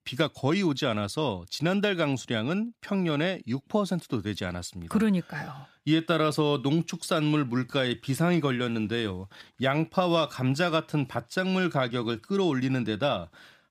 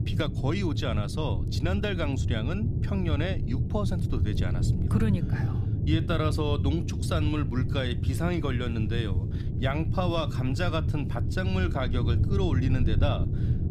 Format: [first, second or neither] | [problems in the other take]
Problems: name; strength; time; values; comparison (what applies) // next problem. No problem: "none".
first | low rumble; loud; throughout; 7 dB below the speech